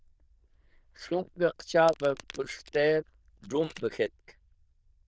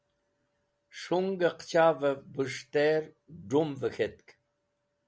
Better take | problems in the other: second | noise reduction (neural diffusion model UNIVERSE++)

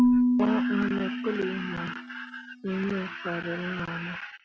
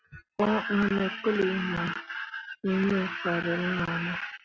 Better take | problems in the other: second | background sound (Marimba, xylophone / Wood); 3 dB above the speech

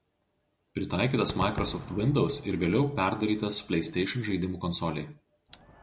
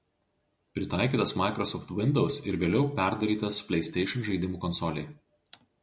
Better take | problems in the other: second | background sound (Crowd / Cheering / Fireworks); 15 dB below the speech

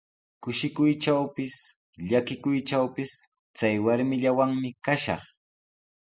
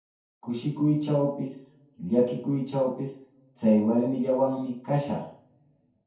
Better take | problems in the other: first | room echo; dies away in 0.6 s

